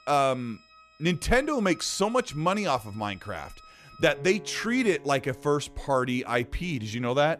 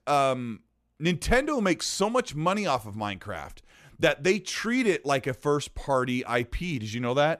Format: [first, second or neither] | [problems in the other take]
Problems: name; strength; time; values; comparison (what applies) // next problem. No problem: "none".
second | background music; faint; throughout; 25 dB below the speech